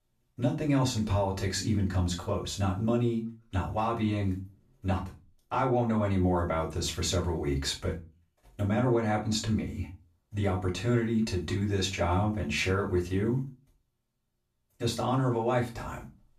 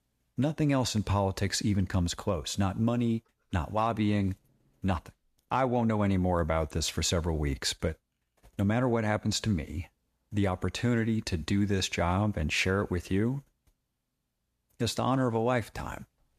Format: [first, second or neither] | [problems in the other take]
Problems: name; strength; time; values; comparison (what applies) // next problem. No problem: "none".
second | off-mic speech; far // room echo; very slight; dies away in 0.2 s